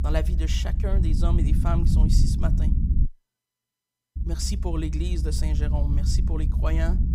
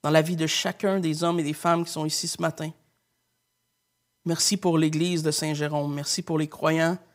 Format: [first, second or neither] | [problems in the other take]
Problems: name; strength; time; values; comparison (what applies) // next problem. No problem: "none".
second | low rumble; loud; until 3 s and from 4 s on; 5 dB below the speech